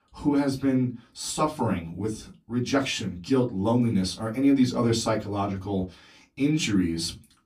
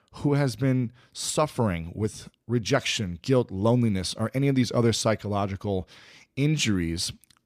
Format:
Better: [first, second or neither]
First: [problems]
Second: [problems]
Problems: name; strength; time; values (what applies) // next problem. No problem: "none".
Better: second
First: off-mic speech; far // room echo; very slight; dies away in 0.2 s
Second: none